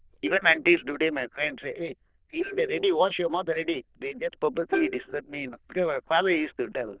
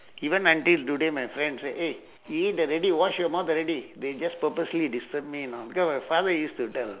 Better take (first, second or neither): second